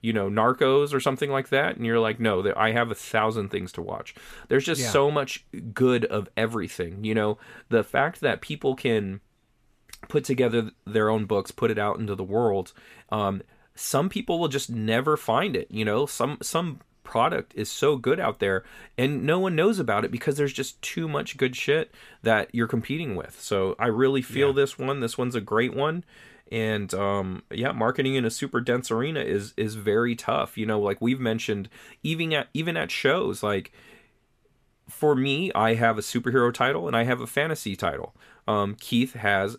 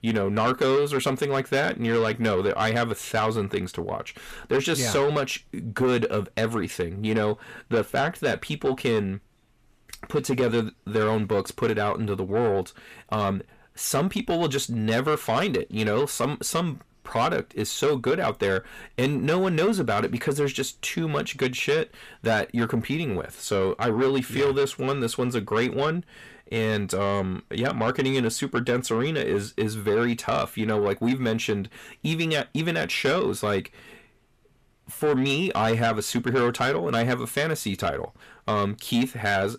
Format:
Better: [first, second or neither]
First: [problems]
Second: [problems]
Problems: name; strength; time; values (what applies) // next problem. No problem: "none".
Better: first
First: none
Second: distortion; slight; 10 dB below the speech